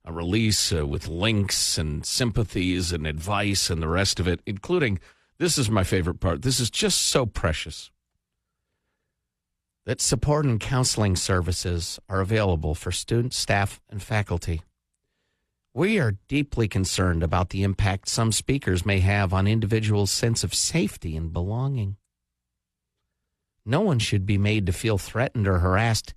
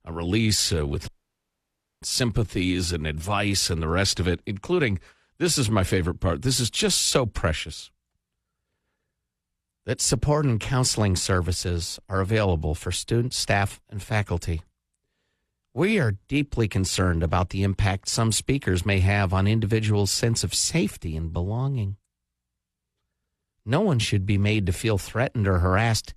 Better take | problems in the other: first | audio cutting out; at 1 s for 1 s

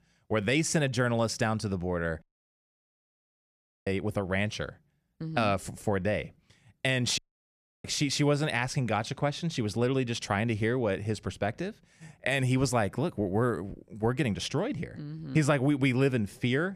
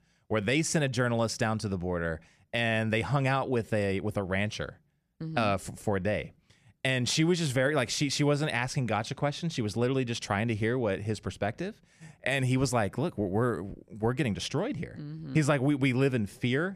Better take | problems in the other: second | audio cutting out; at 2 s for 1.5 s and at 7 s for 0.5 s

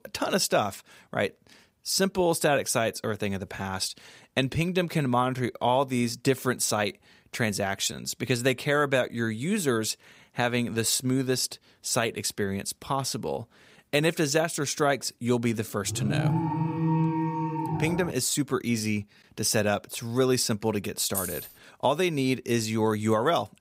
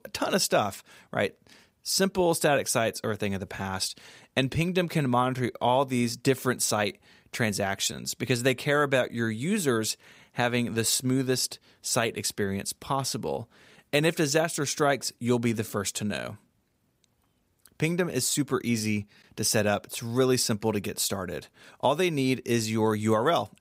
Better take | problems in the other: second | alarm; loud; from 16 to 18 s; peak 2 dB above the speech // jangling keys; noticeable; at 21 s; peak 4 dB below the speech

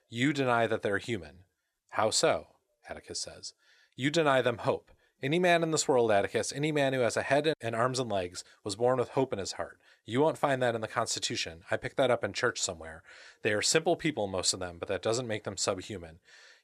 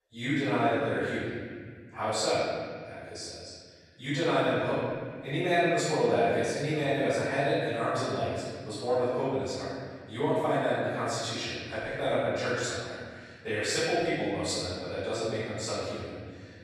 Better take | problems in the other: first | off-mic speech; far // room echo; strong; dies away in 2 s

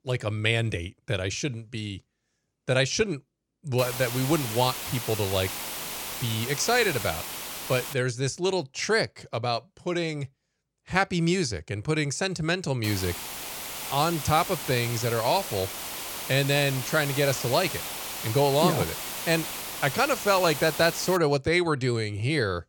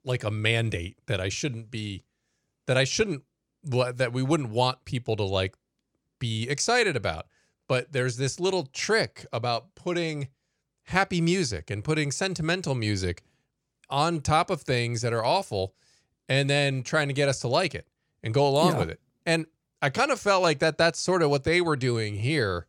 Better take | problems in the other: second | hiss; loud; from 4 to 8 s and from 13 to 21 s; 6 dB below the speech

